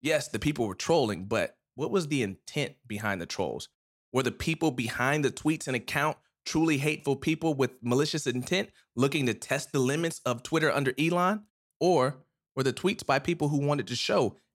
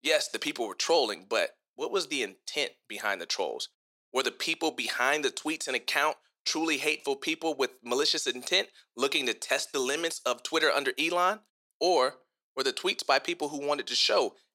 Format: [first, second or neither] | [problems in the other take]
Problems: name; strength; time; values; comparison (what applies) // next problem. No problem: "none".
first | thin; somewhat; fading below 400 Hz